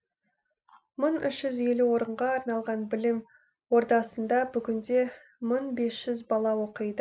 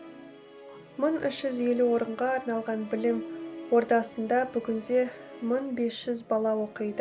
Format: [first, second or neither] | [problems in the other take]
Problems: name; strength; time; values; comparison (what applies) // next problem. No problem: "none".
first | background sound (Musical instrument); 16 dB below the speech